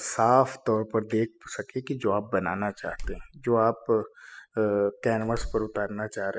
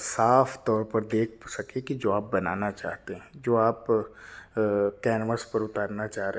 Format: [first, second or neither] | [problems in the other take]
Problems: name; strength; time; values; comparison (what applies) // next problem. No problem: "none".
second | noise reduction (classical method spectral subtraction)